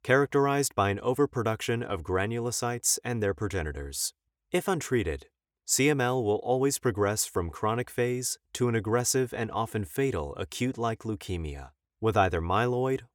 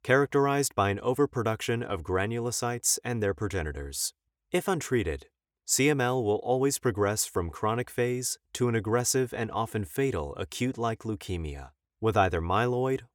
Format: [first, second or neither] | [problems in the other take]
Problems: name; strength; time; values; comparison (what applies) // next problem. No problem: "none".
neither | none